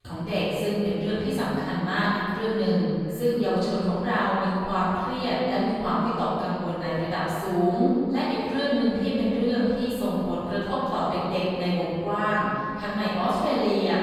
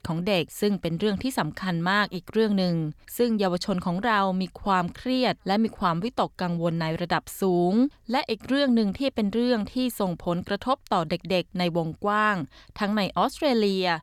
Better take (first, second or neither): second